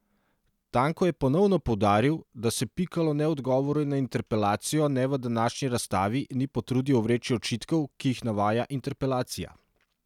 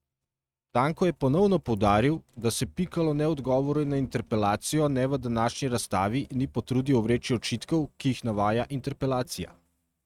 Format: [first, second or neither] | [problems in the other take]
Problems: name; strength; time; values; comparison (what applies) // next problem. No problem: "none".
first | noise reduction (neural mask model RNNoise)